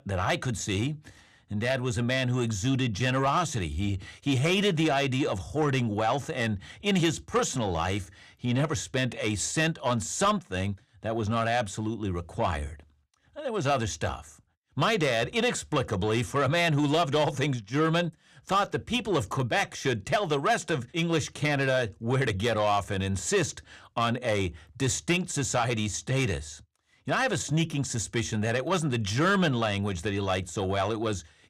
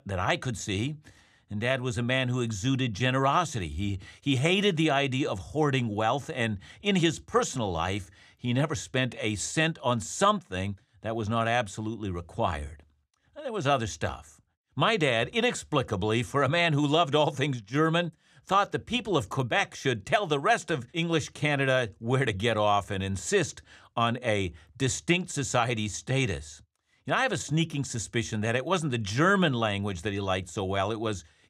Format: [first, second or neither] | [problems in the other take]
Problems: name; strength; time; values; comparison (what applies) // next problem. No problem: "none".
second | distortion; slight; 10 dB below the speech